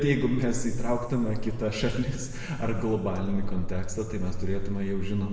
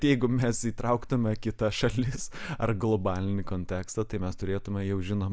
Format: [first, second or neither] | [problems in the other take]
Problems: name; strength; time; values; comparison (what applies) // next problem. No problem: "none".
second | room echo; dies away in 1.6 s